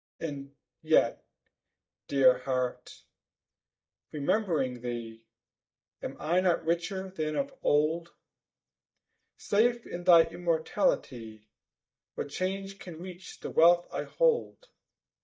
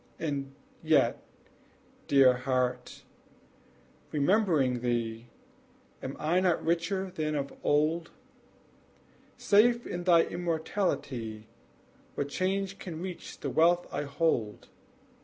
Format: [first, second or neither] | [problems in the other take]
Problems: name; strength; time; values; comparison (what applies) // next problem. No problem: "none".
second | noise reduction (neural mask model DeepFilterNet 3)